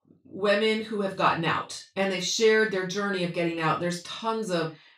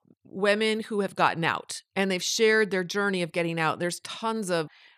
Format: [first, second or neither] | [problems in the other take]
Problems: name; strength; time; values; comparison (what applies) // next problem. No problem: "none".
second | room echo; noticeable; dies away in 0.2 s // off-mic speech; far